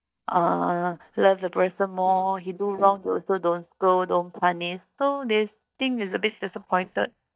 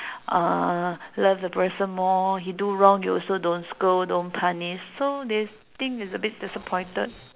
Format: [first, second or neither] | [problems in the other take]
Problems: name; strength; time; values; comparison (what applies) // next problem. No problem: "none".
second | noise reduction (neural mask model DeepFilterNet 3)